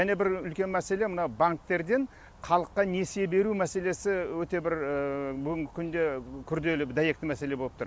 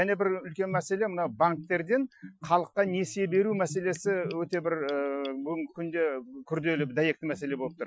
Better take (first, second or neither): first